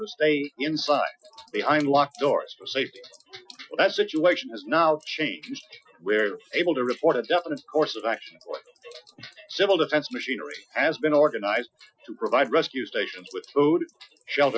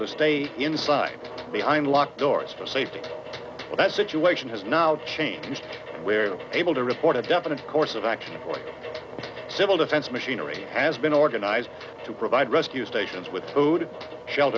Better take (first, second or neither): second